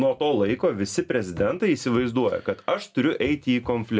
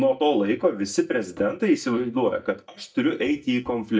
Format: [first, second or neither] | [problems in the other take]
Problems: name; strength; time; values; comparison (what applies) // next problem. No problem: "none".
first | noise reduction (neural mask model DeepFilterNet 3)